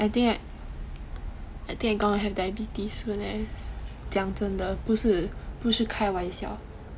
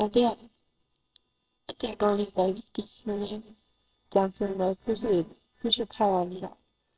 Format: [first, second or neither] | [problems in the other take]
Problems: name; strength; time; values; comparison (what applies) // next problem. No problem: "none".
first | noise reduction (neural separator model SepFormer WHAMR!)